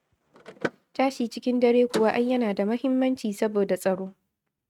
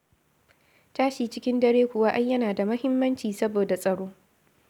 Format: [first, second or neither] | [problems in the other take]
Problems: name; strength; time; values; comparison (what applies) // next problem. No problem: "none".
second | noise reduction (neural mask model RNNoise)